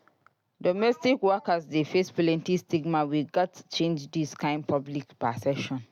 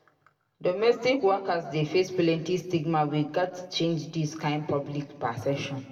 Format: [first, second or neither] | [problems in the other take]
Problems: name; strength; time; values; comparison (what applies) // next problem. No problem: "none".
first | room echo; dies away in 1.1 s